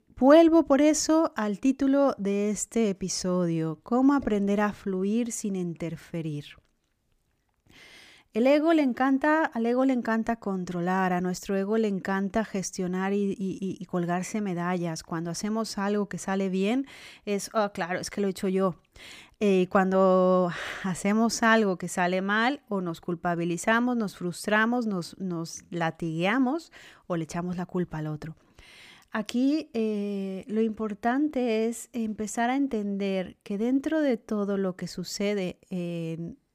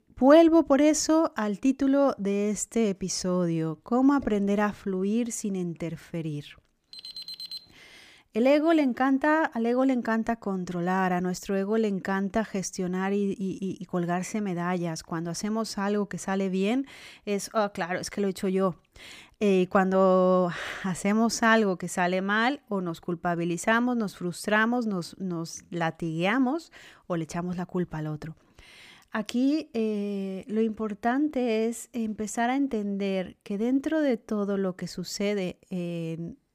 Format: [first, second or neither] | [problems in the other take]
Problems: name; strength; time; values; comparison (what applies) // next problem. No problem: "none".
first | alarm; noticeable; at 7 s; peak 10 dB below the speech